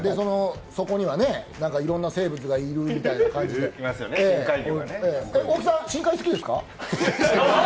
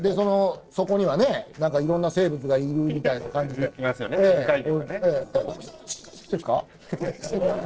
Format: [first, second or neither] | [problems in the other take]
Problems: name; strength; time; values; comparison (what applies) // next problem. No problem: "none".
first | noise reduction (neural separator model SepFormer DNS4)